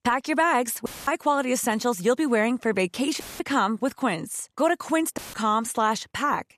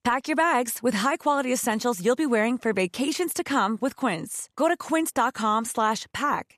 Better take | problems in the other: second | audio cutting out; filled with static; at 1 s, at 3 s and at 5 s

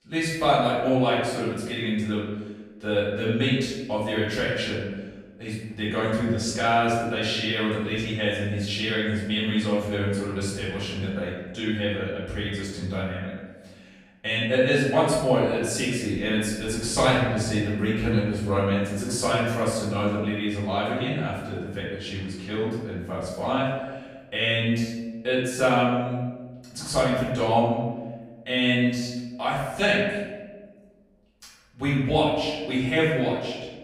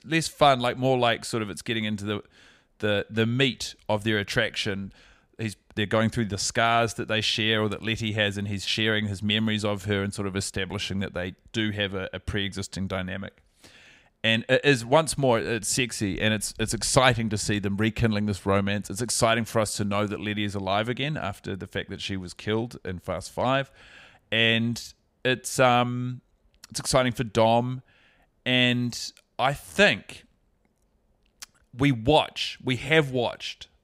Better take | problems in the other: second | room echo; noticeable; dies away in 1.2 s // off-mic speech; far

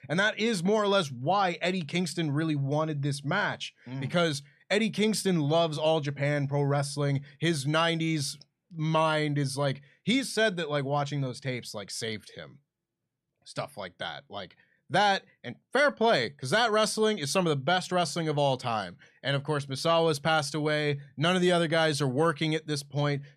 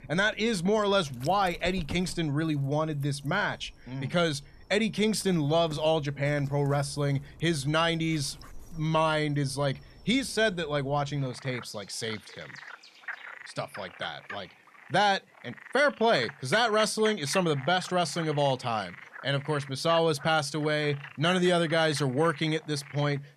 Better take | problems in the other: first | animal sounds; noticeable; throughout; 15 dB below the speech

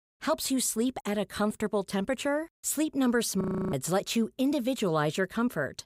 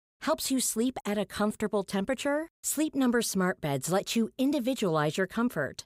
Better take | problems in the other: second | audio freezing; at 3.5 s

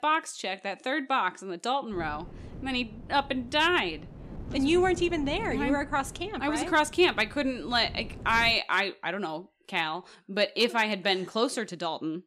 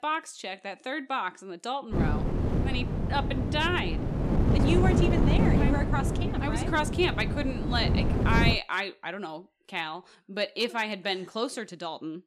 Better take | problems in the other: first | wind noise on the microphone; heavy; from 2 to 8.5 s; 4 dB below the speech; occasional gusts in the first

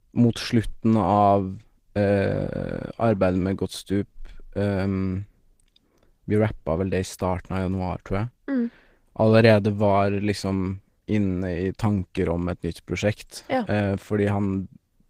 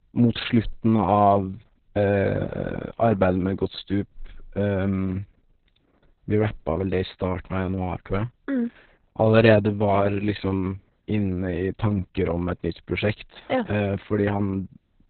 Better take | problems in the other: first | garbled, watery; badly; nothing above 4 kHz; slightly in the first

